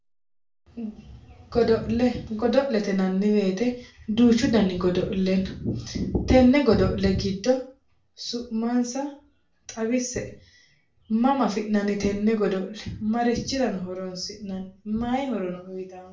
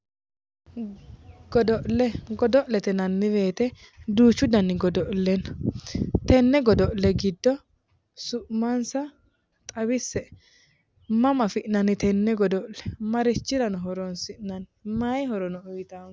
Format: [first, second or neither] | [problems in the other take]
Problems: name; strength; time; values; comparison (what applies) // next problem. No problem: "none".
second | room echo; dies away in 0.3 s